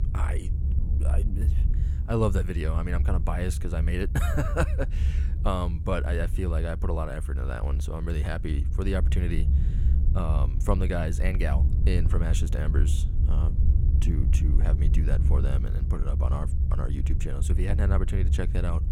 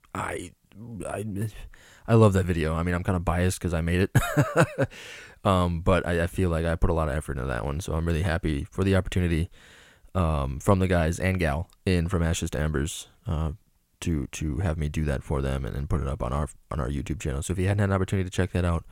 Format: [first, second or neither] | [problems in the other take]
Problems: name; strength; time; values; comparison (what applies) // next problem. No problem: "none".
second | low rumble; loud; throughout; 9 dB below the speech